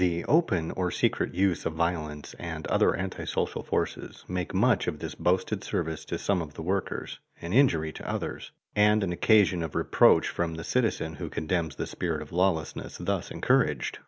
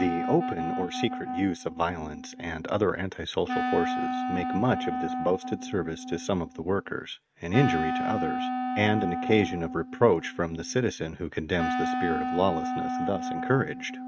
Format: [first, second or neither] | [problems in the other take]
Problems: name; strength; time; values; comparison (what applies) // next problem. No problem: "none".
first | noise reduction (neural mask model RNNoise)